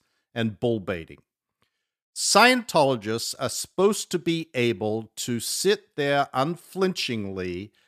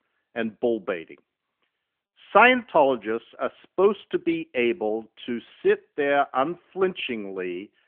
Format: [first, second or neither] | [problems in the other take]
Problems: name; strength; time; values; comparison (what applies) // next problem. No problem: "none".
first | phone-call audio; nothing above 3 kHz